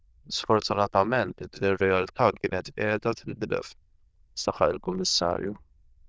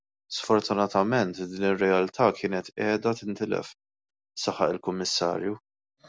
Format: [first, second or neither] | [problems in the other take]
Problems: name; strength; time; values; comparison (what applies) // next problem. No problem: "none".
second | noise reduction (neural diffusion model UNIVERSE++)